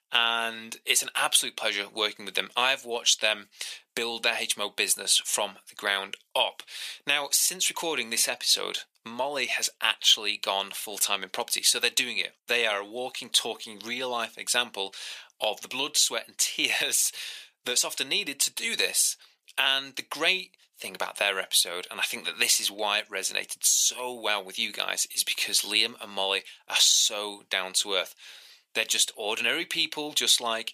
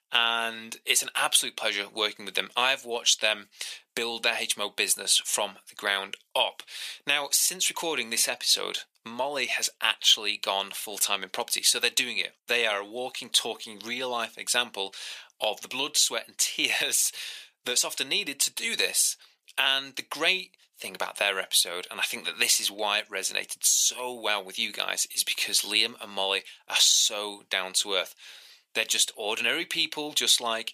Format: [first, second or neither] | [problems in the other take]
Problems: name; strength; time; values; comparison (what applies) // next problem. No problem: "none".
neither | thin; very; fading below 450 Hz; the same in both